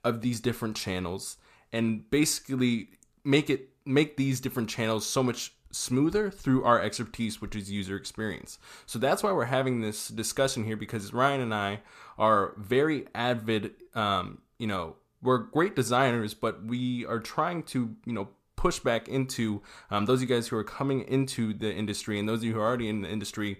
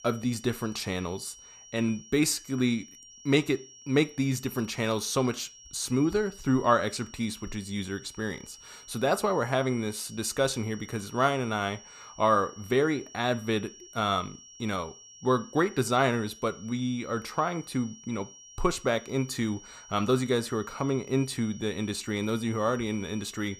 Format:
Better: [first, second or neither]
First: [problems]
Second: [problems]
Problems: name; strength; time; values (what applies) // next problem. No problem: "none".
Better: first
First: none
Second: high-pitched whine; noticeable; throughout; 5.5 kHz, 20 dB below the speech